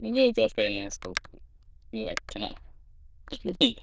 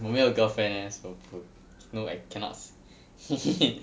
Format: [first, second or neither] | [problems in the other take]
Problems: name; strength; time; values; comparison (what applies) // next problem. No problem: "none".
second | noise reduction (neural diffusion model UNIVERSE++)